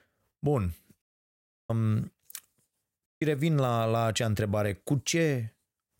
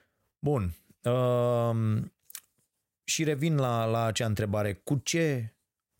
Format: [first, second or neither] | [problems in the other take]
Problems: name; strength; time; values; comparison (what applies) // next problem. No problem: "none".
second | audio cutting out; at 1 s for 0.5 s and at 3 s